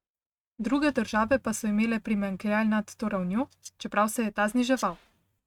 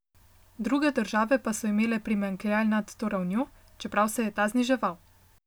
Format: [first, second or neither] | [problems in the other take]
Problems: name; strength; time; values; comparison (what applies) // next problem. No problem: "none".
second | noise reduction (neural mask model RNNoise)